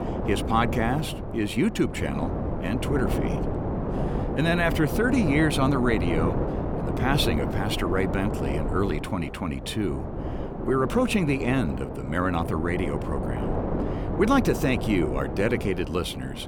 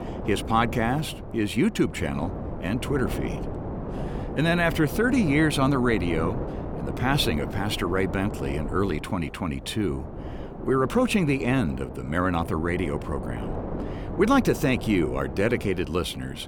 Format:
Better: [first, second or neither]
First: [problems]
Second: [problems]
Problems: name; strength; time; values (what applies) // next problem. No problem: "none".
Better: second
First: wind noise on the microphone; heavy; 6 dB below the speech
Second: wind noise on the microphone; occasional gusts; 10 dB below the speech